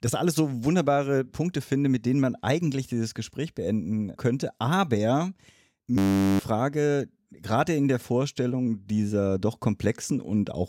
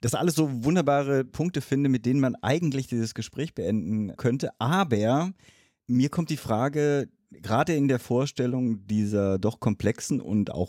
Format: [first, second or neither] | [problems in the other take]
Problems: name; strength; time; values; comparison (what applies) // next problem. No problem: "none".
second | audio freezing; at 6 s